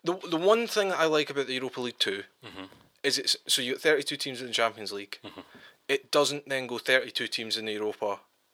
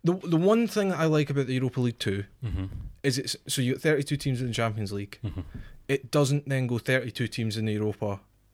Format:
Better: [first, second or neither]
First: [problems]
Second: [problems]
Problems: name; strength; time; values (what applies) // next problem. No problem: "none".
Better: second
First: thin; very; fading below 500 Hz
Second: none